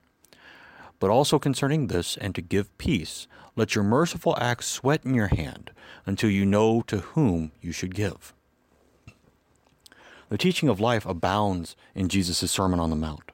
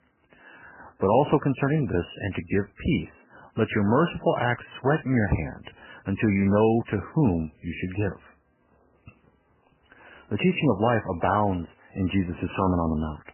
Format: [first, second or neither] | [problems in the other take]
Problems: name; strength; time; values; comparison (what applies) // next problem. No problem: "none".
first | garbled, watery; badly; nothing above 3 kHz